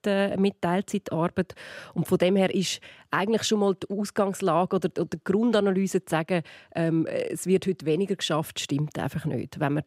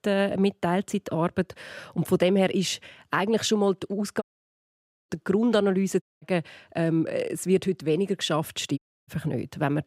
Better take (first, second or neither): first